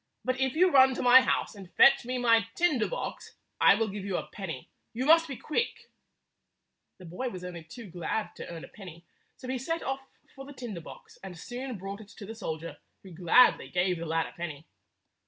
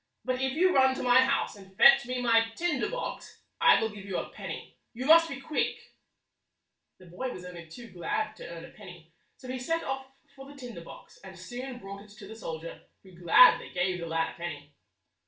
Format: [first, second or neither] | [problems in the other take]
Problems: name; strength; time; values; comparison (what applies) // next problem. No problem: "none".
first | room echo; dies away in 0.3 s